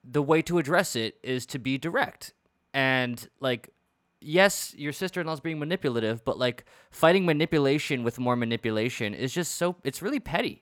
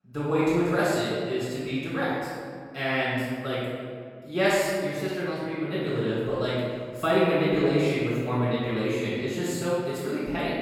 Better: first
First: none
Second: off-mic speech; far // room echo; strong; dies away in 1.9 s

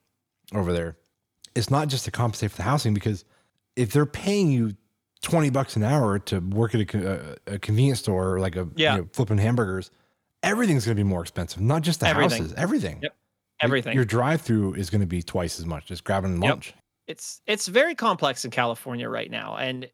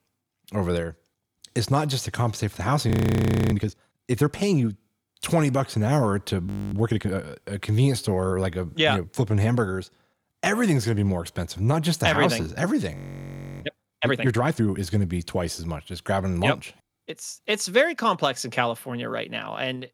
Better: first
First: none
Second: audio freezing; at 3 s for 0.5 s, at 6.5 s and at 13 s for 0.5 s

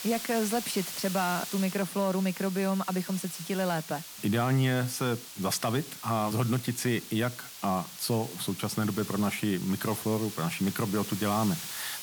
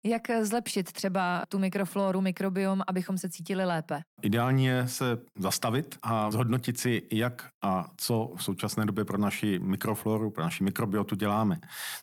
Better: second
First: hiss; loud; throughout; 9 dB below the speech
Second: none

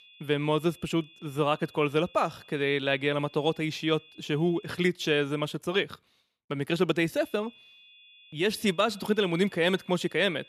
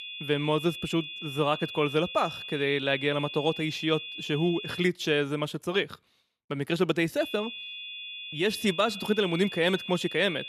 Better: first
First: high-pitched whine; faint; until 5 s and from 7 s on; 3.5 kHz, 25 dB below the speech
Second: high-pitched whine; loud; until 5 s and from 7 s on; 3.5 kHz, 9 dB below the speech

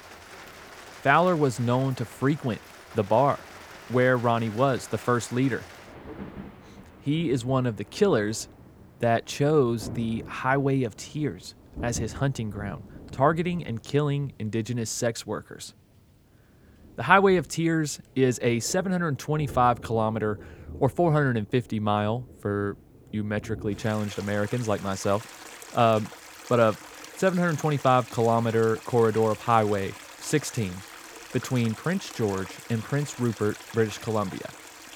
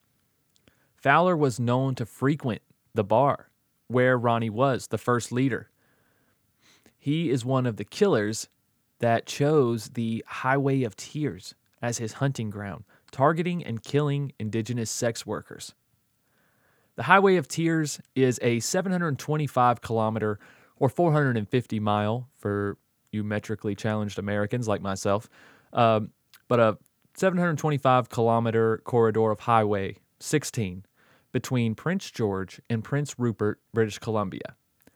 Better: second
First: rain or running water; noticeable; throughout; 15 dB below the speech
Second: none

